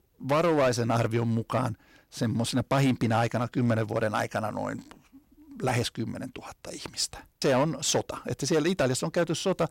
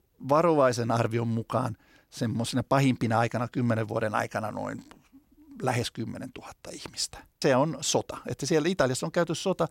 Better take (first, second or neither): second